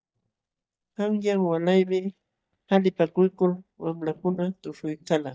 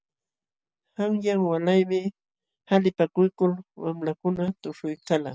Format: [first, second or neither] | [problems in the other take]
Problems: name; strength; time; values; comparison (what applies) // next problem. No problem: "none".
second | noise reduction (neural mask model DeepFilterNet 3)